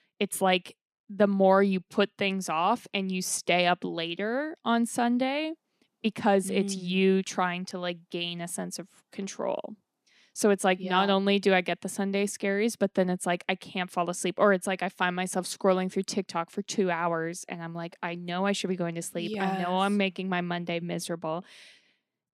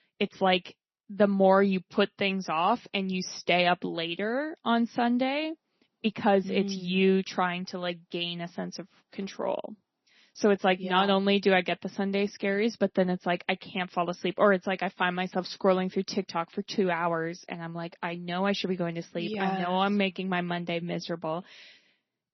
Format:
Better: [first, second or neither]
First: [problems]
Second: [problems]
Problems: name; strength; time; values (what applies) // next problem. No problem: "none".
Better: first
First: none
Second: garbled, watery; slightly; nothing above 6 kHz